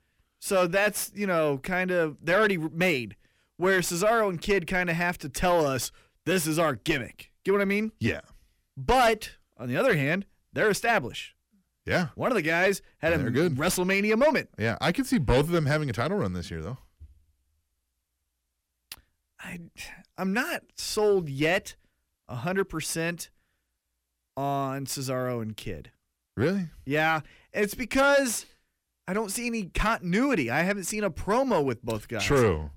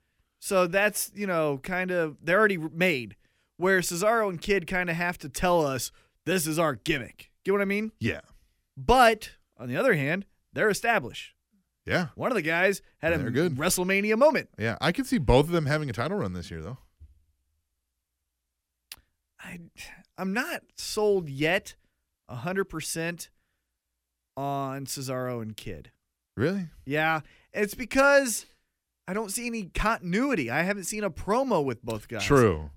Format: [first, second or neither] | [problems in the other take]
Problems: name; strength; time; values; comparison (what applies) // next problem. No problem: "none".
second | distortion; slight; 10 dB below the speech